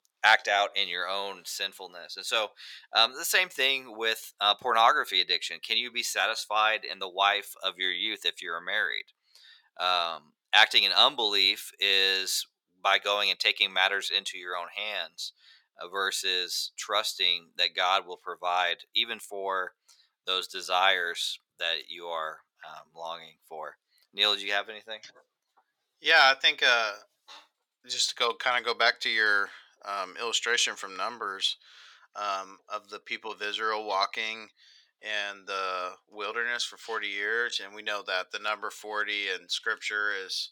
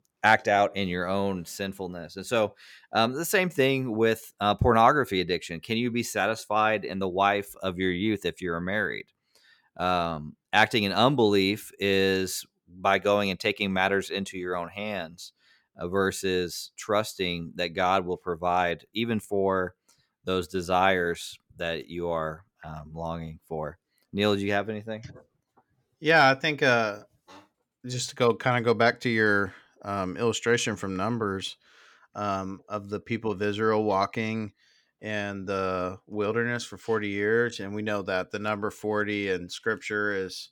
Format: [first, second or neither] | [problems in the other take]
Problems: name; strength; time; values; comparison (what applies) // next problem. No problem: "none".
second | thin; very; fading below 850 Hz